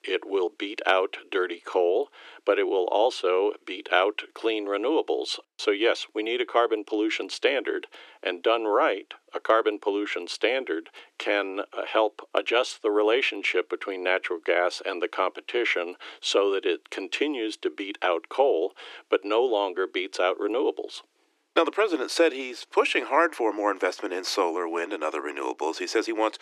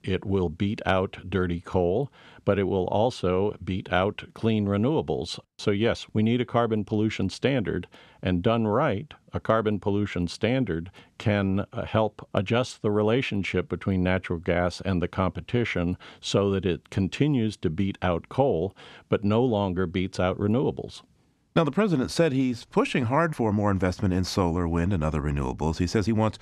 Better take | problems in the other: second | thin; very; fading below 300 Hz

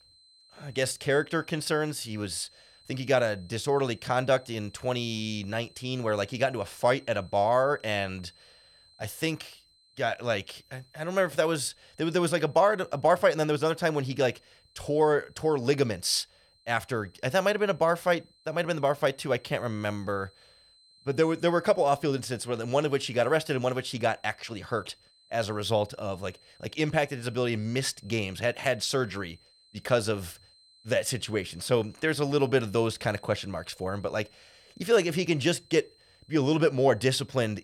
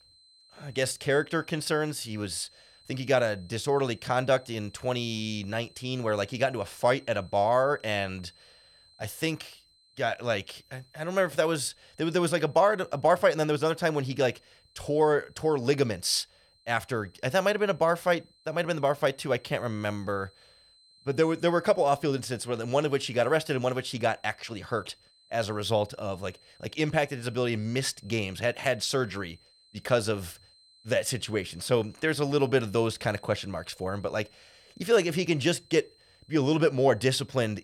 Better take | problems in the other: neither | high-pitched whine; faint; throughout; 4 kHz, 30 dB below the speech; the same in both

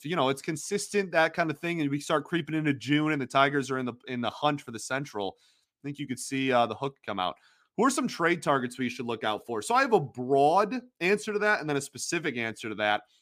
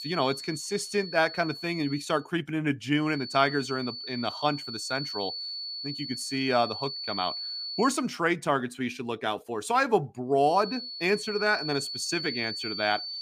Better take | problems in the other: first | high-pitched whine; loud; until 2 s, from 3 to 8 s and from 11 s on; 4.5 kHz, 6 dB below the speech

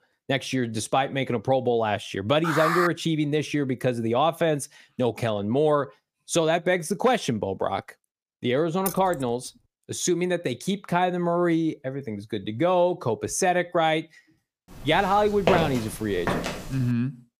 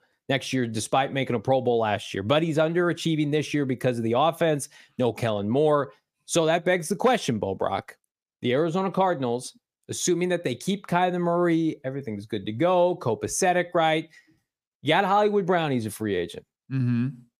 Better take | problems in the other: second | alarm; loud; at 2.5 s; peak 1 dB above the speech // jangling keys; noticeable; at 9 s; peak 8 dB below the speech // footsteps; loud; from 15 to 17 s; peak 1 dB above the speech

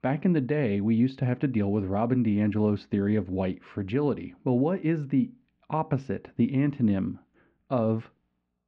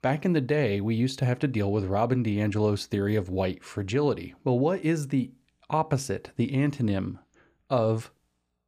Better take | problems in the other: second | muffled; slightly; fading above 3 kHz

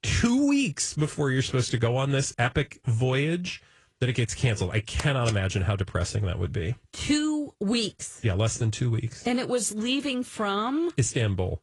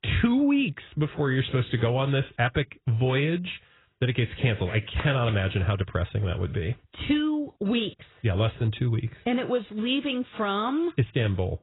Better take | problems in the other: first | garbled, watery; badly; nothing above 4 kHz; slightly in the first

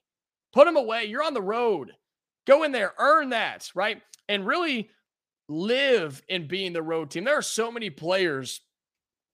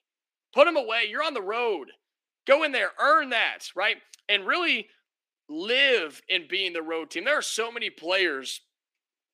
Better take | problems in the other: first | thin; very slightly; fading below 300 Hz

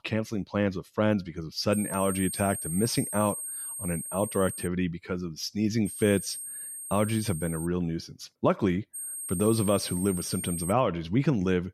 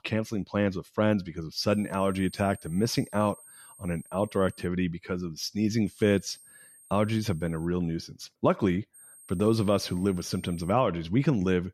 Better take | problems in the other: second | high-pitched whine; loud; from 1.5 to 4.5 s, from 6 to 7.5 s and from 9 to 11 s; 8.5 kHz, 6 dB below the speech; faint in the second

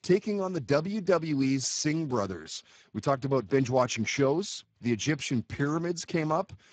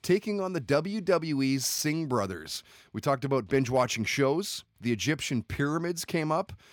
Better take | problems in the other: second | garbled, watery; badly; nothing above 7.5 kHz

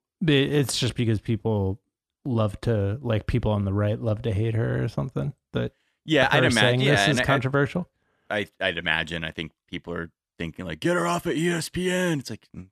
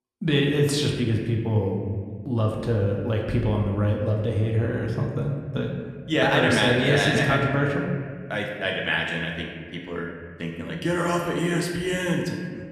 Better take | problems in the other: first | room echo; noticeable; dies away in 1.6 s // off-mic speech; somewhat distant

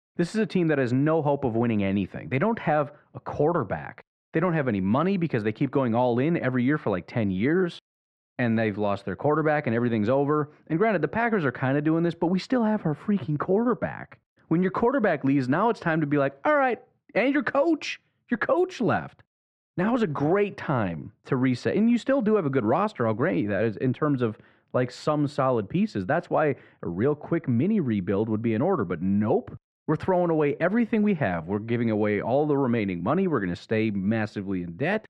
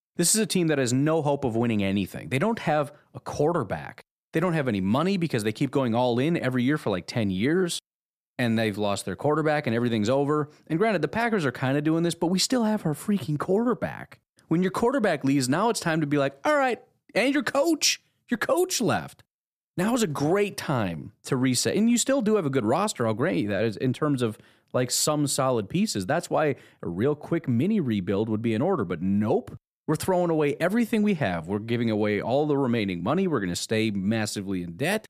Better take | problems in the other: second | muffled; very; fading above 2 kHz

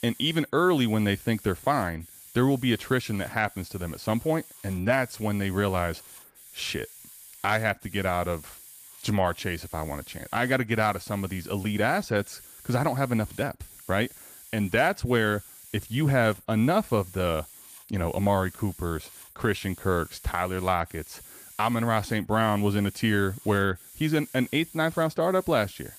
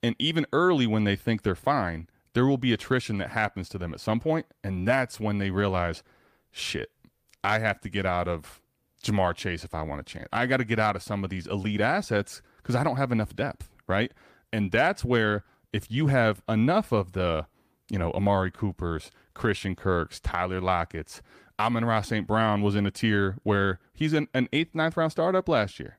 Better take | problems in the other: second | hiss; noticeable; throughout; 20 dB below the speech

